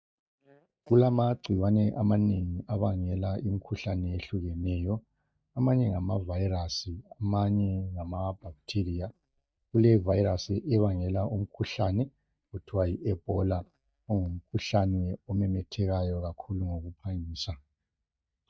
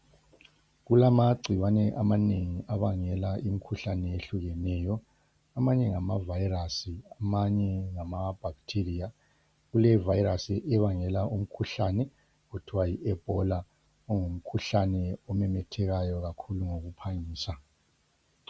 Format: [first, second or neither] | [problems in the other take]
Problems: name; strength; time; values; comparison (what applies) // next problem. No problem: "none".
second | noise reduction (neural mask model DeepFilterNet 3)